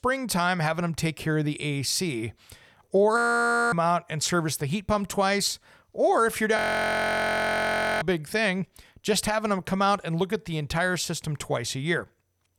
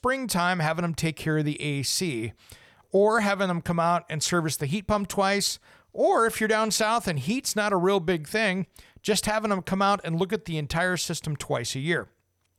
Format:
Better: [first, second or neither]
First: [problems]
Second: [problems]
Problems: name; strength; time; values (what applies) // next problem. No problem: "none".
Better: second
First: audio freezing; at 3 s for 0.5 s and at 6.5 s for 1.5 s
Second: none